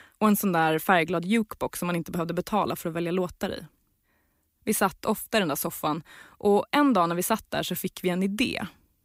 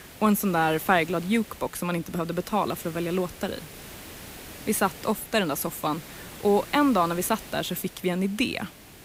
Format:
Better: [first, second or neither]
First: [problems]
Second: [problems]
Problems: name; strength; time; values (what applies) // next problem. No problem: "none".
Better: first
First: none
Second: hiss; noticeable; throughout; 15 dB below the speech